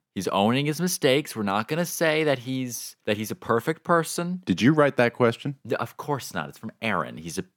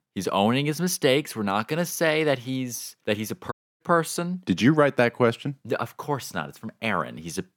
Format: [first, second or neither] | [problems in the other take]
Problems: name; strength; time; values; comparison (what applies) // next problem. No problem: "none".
first | audio cutting out; at 3.5 s